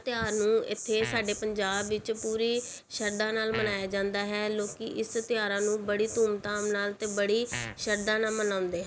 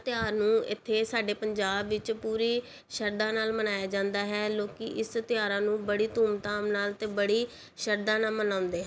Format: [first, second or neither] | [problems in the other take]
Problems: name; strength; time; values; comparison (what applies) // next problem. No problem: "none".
second | background sound (Insect + Fart); 13 dB below the speech